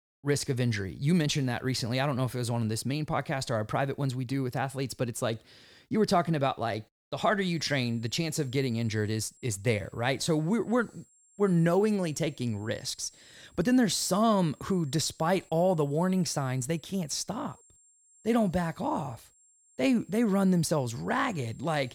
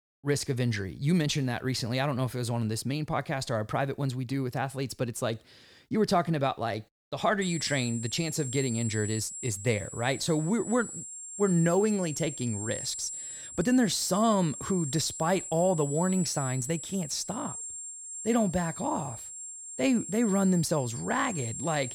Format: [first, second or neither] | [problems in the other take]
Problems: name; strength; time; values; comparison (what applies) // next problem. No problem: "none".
first | high-pitched whine; loud; from 7.5 s on; 7.5 kHz, 8 dB below the speech; faint in the first